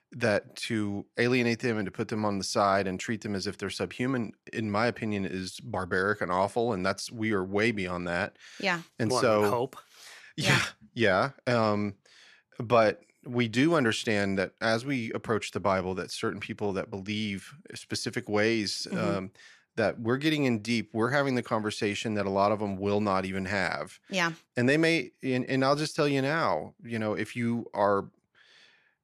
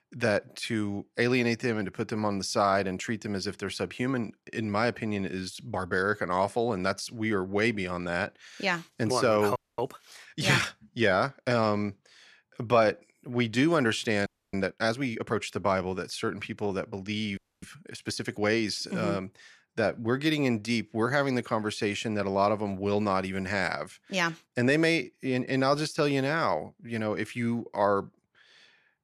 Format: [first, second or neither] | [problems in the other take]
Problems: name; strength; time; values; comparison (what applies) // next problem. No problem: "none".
first | audio freezing; at 9.5 s, at 14 s and at 17 s